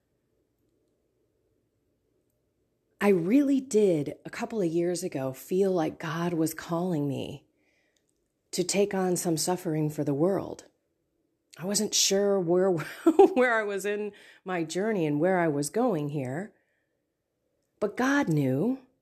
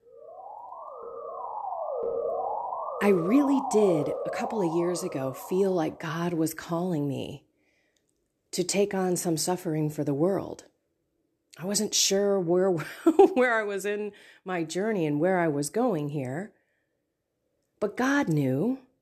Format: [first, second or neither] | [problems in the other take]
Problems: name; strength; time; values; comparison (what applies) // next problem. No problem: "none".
first | siren; noticeable; until 5.5 s; peak 3 dB below the speech